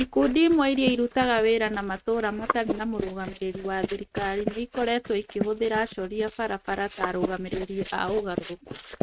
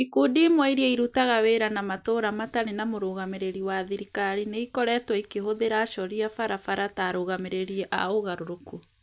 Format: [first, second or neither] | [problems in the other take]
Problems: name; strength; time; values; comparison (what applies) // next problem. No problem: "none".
second | noise reduction (neural mask model RNNoise)